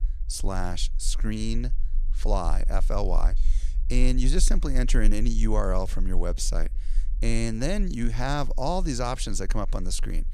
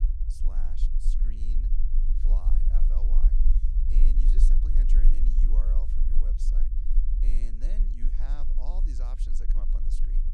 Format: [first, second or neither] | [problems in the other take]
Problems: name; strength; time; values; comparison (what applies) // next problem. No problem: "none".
first | low rumble; loud; throughout; 1 dB below the speech; faint in the first